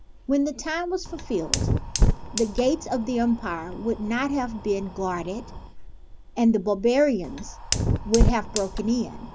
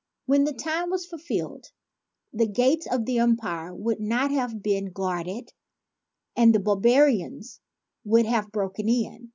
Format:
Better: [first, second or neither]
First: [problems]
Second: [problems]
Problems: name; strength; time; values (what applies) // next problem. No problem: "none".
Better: second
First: background sound (Fire); 2 dB below the speech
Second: none